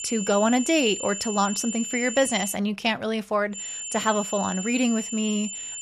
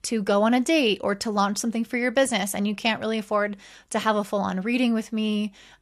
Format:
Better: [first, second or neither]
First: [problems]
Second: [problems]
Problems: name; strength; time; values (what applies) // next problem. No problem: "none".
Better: second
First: high-pitched whine; loud; until 2.5 s and from 3.5 s on; 7 kHz, 6 dB below the speech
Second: none